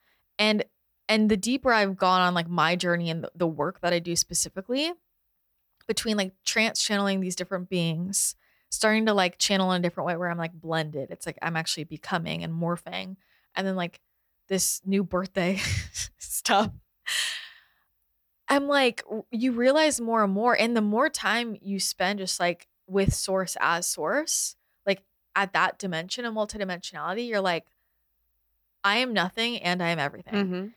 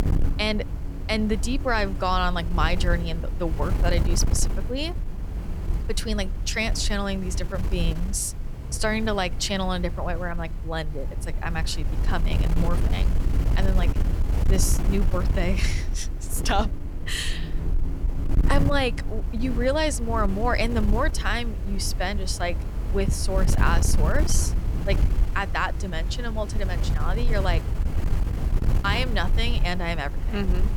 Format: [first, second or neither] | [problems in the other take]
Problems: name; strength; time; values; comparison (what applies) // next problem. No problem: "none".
first | wind noise on the microphone; occasional gusts; 10 dB below the speech